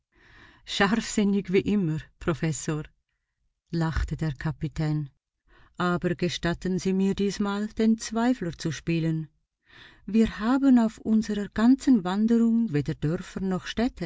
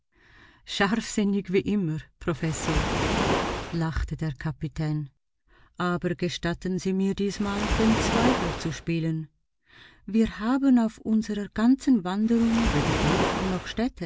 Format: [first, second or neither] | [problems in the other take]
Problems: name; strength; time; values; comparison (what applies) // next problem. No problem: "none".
first | background sound (Waves, surf); 5 dB below the speech